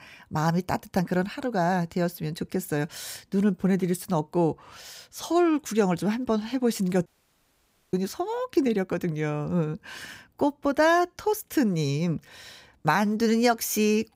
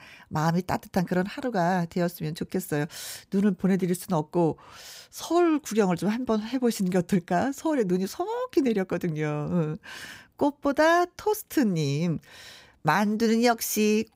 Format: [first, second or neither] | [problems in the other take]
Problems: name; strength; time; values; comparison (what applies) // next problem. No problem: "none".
second | audio cutting out; at 7 s for 1 s